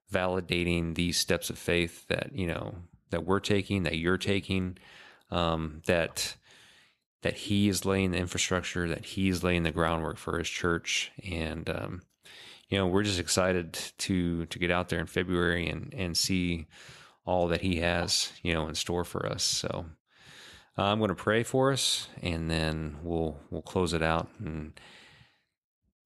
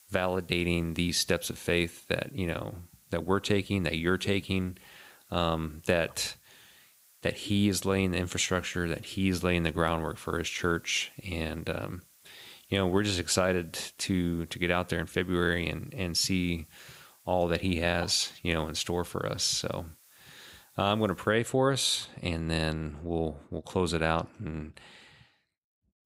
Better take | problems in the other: first | hiss; faint; until 21 s; 30 dB below the speech

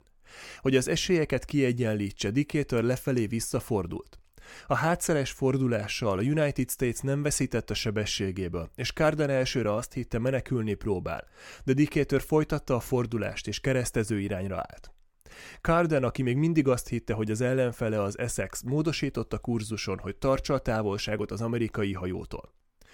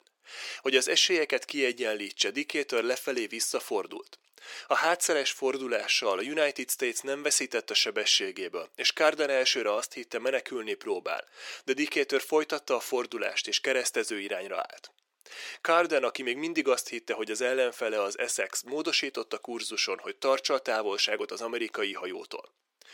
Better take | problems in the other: first | thin; very; fading below 350 Hz

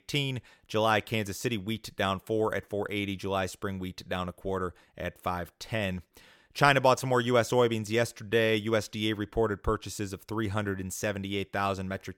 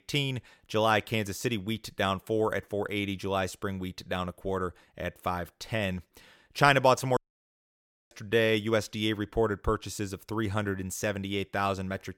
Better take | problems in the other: first | audio cutting out; at 7 s for 1 s

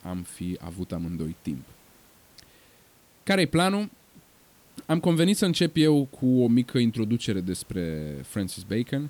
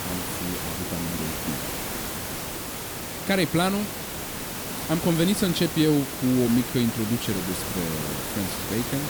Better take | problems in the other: first | hiss; loud; throughout; 4 dB below the speech; faint in the first

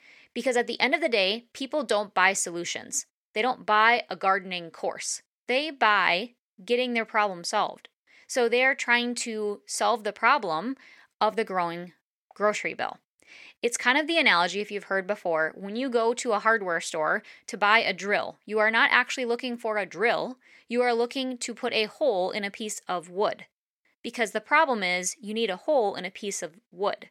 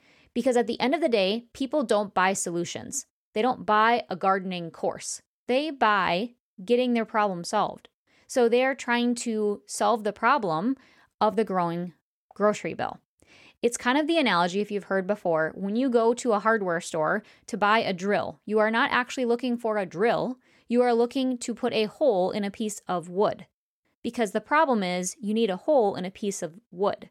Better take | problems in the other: second | thin; very slightly; fading below 850 Hz

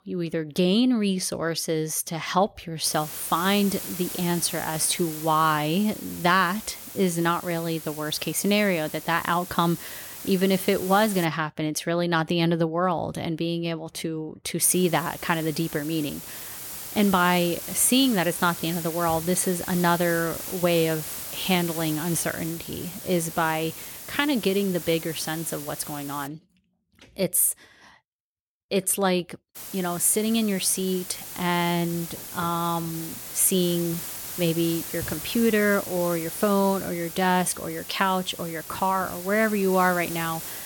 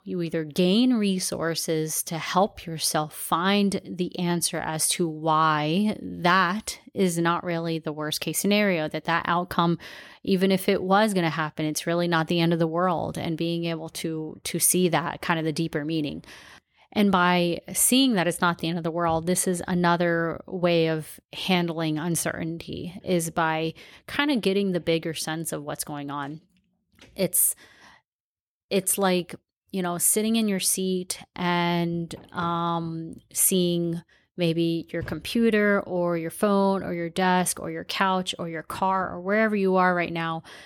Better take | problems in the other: second | hiss; loud; from 3 to 11 s, from 15 to 26 s and from 30 s on; 10 dB below the speech

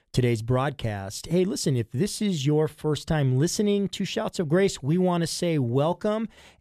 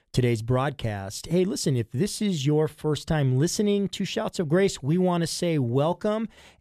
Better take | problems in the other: neither | none

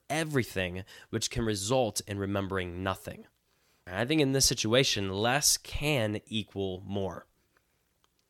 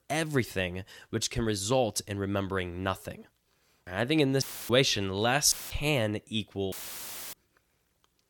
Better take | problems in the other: first | audio cutting out; filled with static; at 4.5 s, at 5.5 s and at 6.5 s for 0.5 s

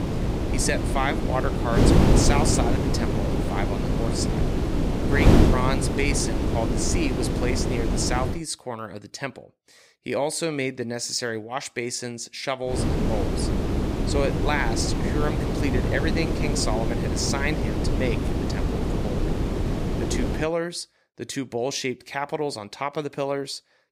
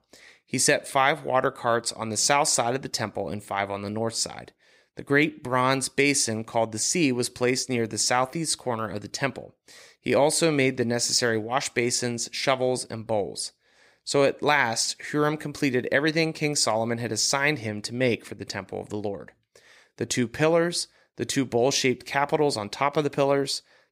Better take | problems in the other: second | wind noise on the microphone; heavy; until 8.5 s and from 13 to 20 s; 1 dB below the speech

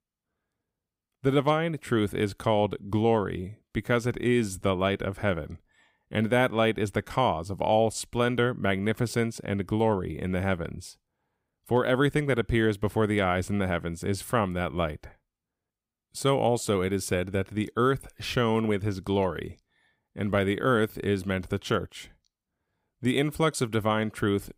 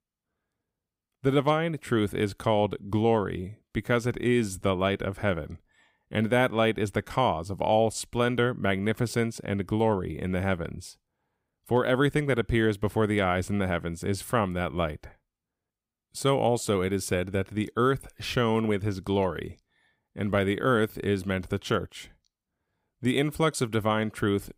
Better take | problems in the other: neither | none

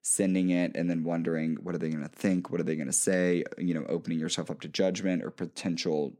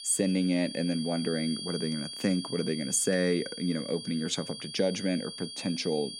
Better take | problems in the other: first | high-pitched whine; loud; throughout; 4.5 kHz, 8 dB below the speech

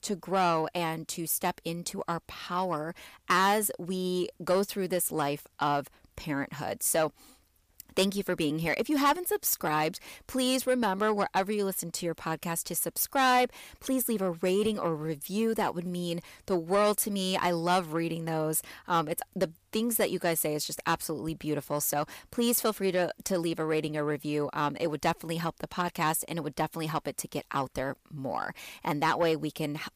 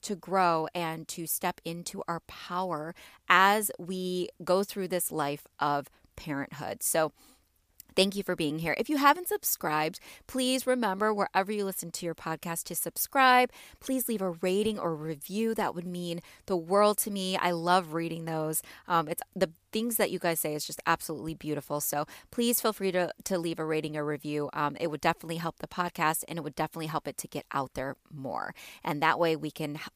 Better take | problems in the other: second | distortion; slight; 10 dB below the speech

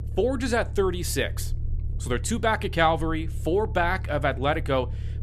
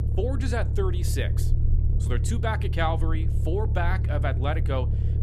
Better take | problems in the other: first | low rumble; loud; throughout; 10 dB below the speech; faint in the first

